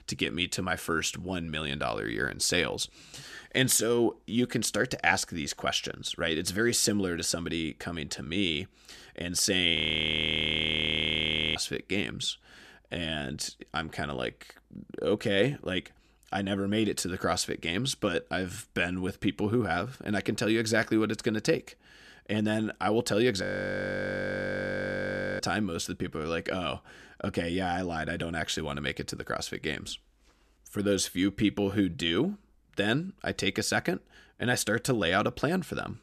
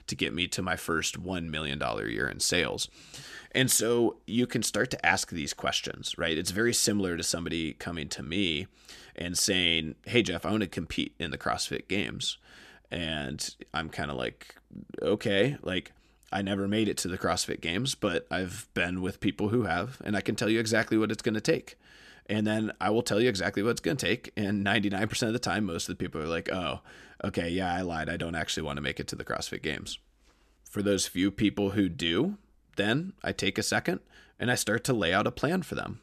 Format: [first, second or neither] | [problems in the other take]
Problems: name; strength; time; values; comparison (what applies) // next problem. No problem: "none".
second | audio freezing; at 10 s for 2 s and at 23 s for 2 s